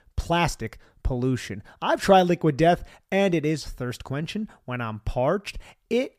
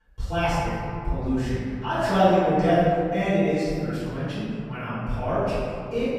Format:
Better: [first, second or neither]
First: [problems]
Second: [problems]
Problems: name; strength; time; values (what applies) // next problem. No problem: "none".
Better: first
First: none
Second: room echo; strong; dies away in 2.4 s // off-mic speech; far